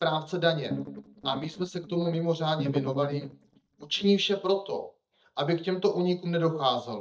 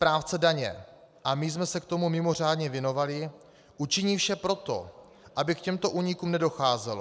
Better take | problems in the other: second | noise reduction (neural mask model DeepFilterNet 3)

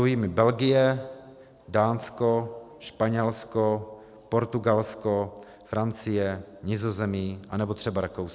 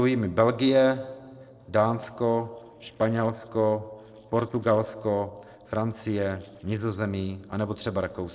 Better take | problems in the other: first | noise reduction (neural separator model SepFormer DNS4)

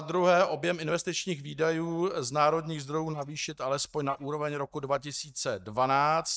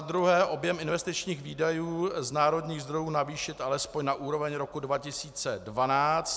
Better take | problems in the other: second | noise reduction (neural mask model DeepFilterNet 3)

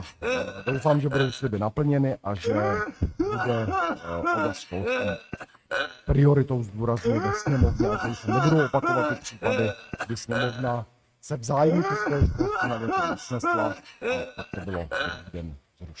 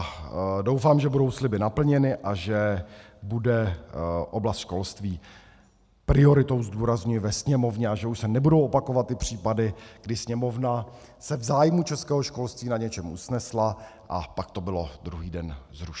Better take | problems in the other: second | noise reduction (neural mask model RNNoise)

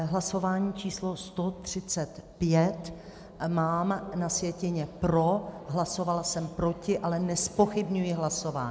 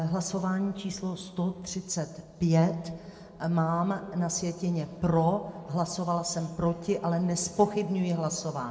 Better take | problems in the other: first | room echo; dies away in 0.7 s

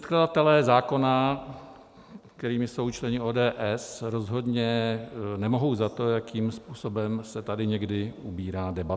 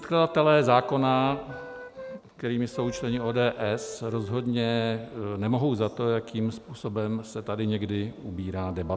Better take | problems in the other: first | background sound (Wind instrument, woodwind instrument); 17 dB below the speech

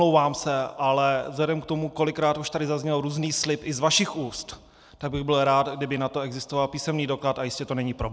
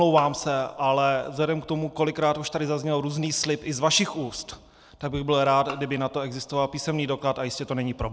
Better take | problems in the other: first | background sound (Bowed string instrument); 19 dB below the speech

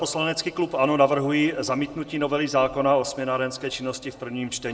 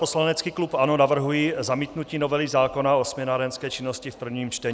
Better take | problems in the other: second | room echo; dies away in 0.9 s

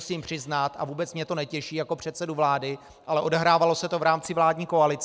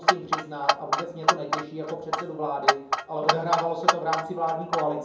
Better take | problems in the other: first | background sound (Clock); 3 dB above the speech // room echo; dies away in 2.6 s

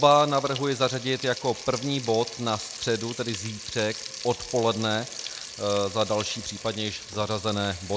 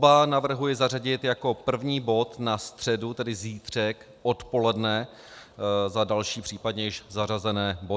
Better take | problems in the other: second | background sound (Frying (food)); 12 dB below the speech

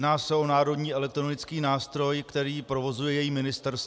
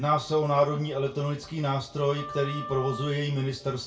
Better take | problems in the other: first | background sound (Wind instrument, woodwind instrument); 13 dB below the speech // room echo; dies away in 0.2 s

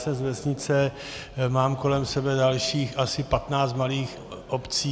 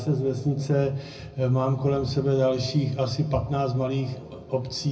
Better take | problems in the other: first | room echo; dies away in 0.4 s

